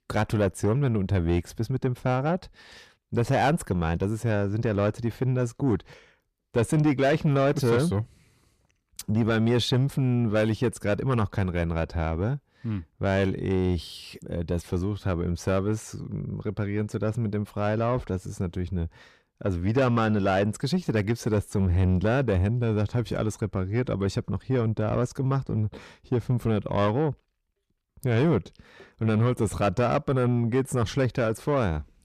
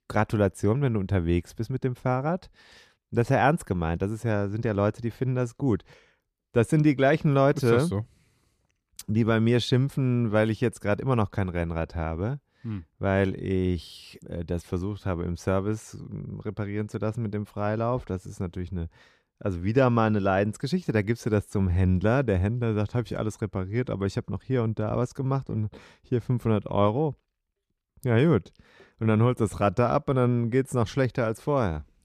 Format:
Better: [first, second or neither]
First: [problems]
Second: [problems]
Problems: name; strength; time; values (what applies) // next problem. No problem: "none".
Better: second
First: distortion; slight; 10 dB below the speech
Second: none